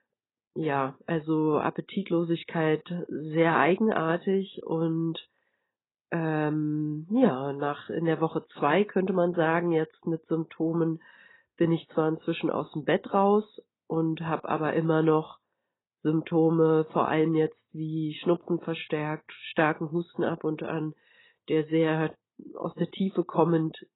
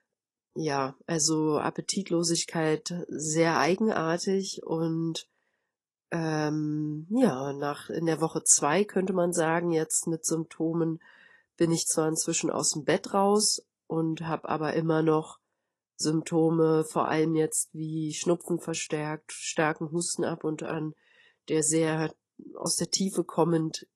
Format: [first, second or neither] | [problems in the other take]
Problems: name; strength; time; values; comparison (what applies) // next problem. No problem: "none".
second | garbled, watery; badly; nothing above 4 kHz; slightly in the second